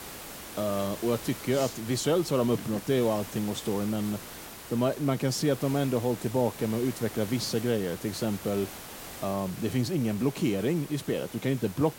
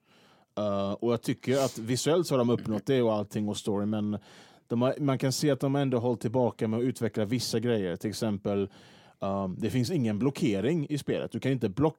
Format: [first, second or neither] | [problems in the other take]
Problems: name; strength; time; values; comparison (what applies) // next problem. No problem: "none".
second | hiss; noticeable; throughout; 10 dB below the speech